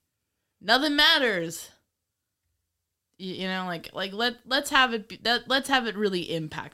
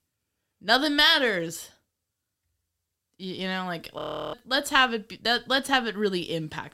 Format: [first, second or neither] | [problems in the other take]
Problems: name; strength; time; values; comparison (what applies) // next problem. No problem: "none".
first | audio freezing; at 4 s